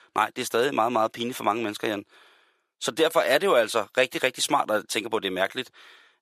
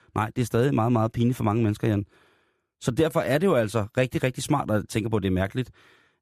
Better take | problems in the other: second | thin; very; fading below 550 Hz

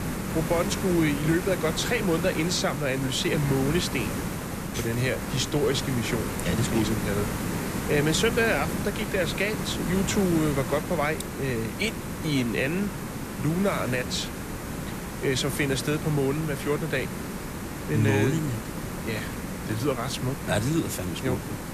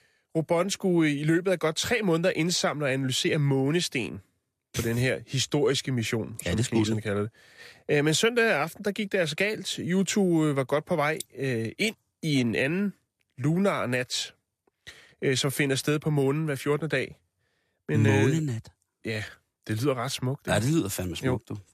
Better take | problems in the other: second | hiss; loud; throughout; 5 dB below the speech

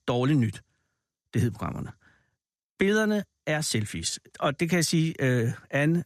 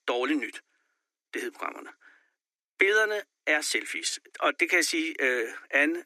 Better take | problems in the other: first | thin; very; fading below 300 Hz

